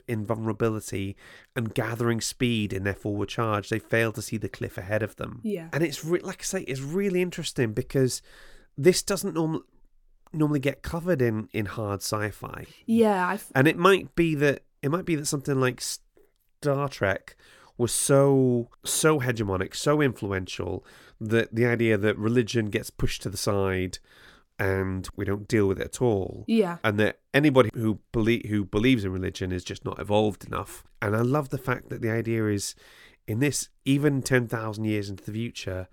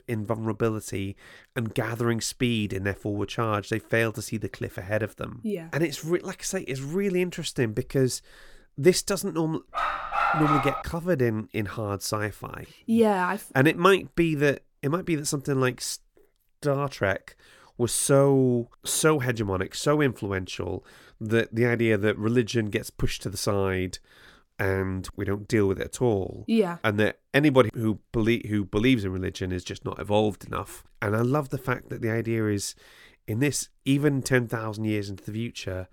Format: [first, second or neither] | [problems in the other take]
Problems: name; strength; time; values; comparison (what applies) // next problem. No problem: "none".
first | dog barking; loud; from 10 to 11 s; peak 2 dB above the speech